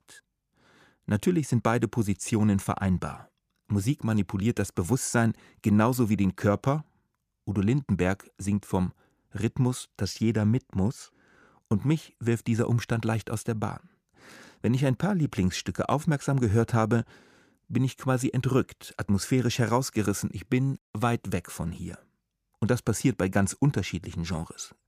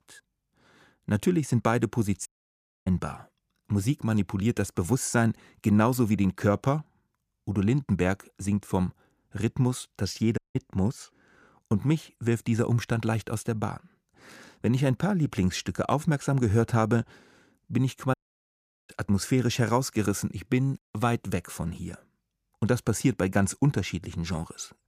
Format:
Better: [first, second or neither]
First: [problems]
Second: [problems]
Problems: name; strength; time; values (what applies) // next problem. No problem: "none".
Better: first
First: none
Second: audio cutting out; at 2.5 s for 0.5 s, at 10 s and at 18 s for 1 s